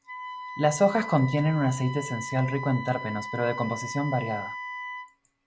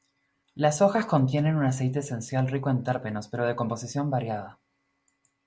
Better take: second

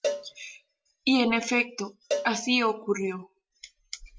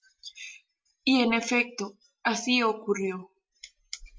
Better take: second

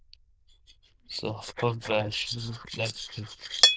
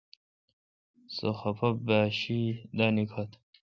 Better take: second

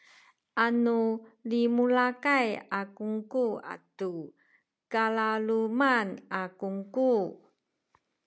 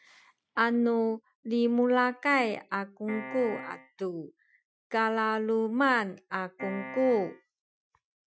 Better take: first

